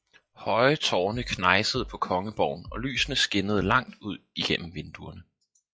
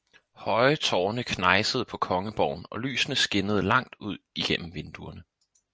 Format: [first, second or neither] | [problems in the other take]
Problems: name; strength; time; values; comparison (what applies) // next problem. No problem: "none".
second | noise reduction (classical method log-MMSE)